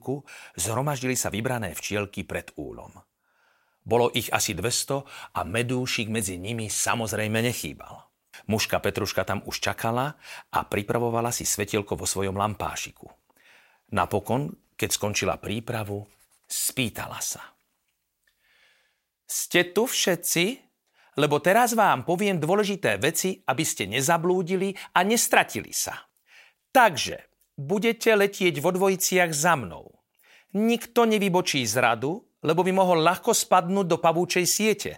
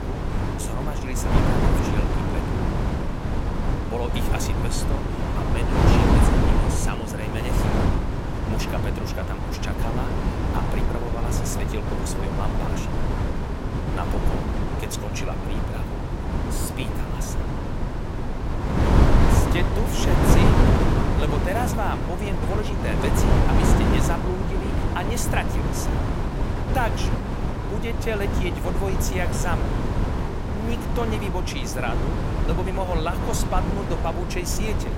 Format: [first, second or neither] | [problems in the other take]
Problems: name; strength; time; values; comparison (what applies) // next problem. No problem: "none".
first | wind noise on the microphone; heavy; 2 dB above the speech